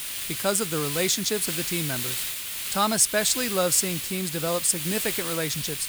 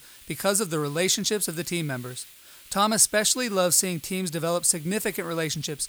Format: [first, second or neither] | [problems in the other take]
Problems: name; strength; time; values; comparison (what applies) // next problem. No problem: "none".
second | hiss; loud; throughout; 4 dB below the speech; faint in the second